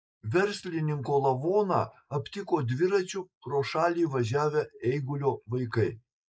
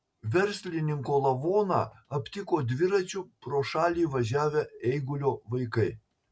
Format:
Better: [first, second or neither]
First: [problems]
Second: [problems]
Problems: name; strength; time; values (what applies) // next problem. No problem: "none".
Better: second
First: noise reduction (neural mask model Resemble Enhance denoiser)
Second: none